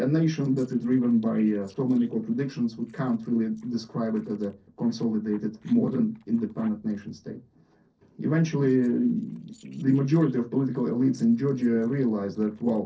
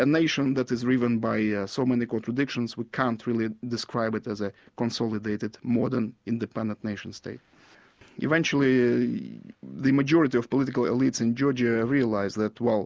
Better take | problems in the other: second | noise reduction (neural separator model SepFormer DNS4)

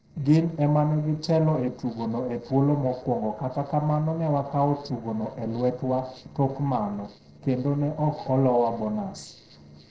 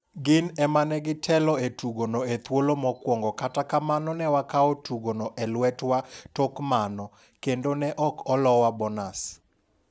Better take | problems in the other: second | noise reduction (neural separator model SepFormer DNS4)

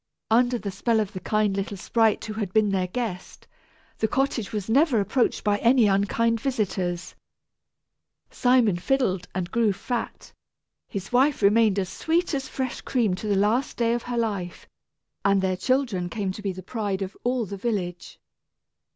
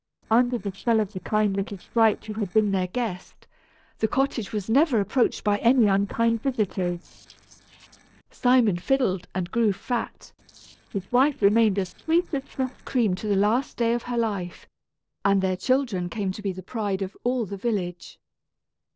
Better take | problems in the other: first | noise reduction (neural separator model SepFormer DNS4)

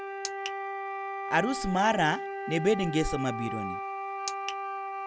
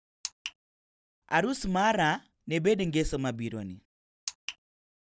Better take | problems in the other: second | background sound (Wind instrument, woodwind instrument); 4 dB below the speech

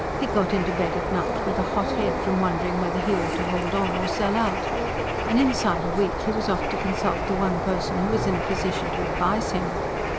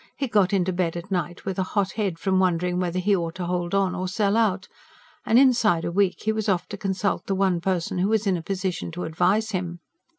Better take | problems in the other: second | background sound (Bird); as loud as the speech

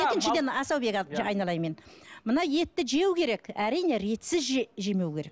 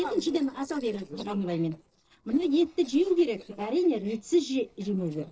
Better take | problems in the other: first | noise reduction (neural separator model SepFormer DNS4)

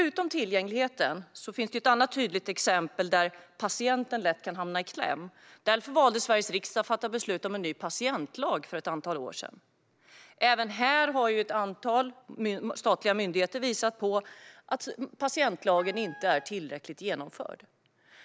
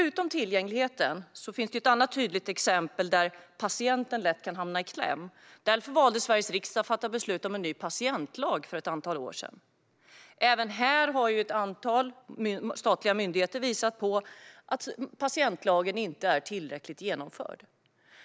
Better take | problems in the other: second | background sound (Wind instrument, woodwind instrument); 18 dB below the speech

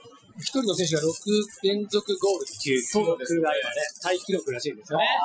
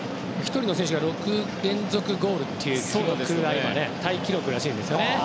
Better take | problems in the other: second | noise reduction (classical method Wiener filter)

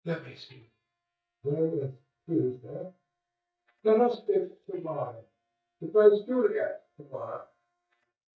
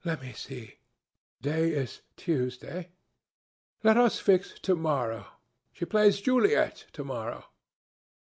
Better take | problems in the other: second | noise reduction (neural mask model DeepFilterNet 3)

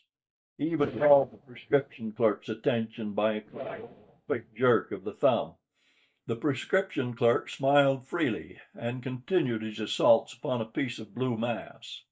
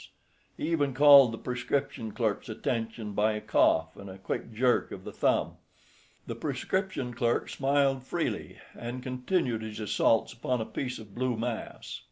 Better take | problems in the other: second | noise reduction (neural mask model DeepFilterNet 3)

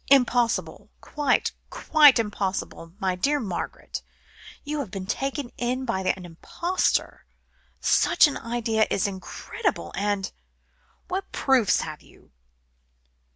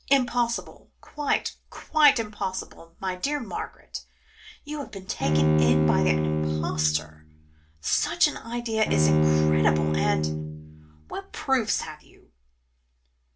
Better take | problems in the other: first | background sound (Bowed string instrument); 4 dB above the speech // room echo; dies away in 0.2 s

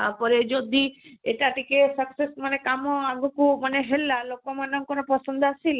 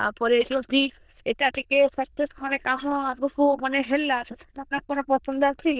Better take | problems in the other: first | noise reduction (neural diffusion model UNIVERSE++)

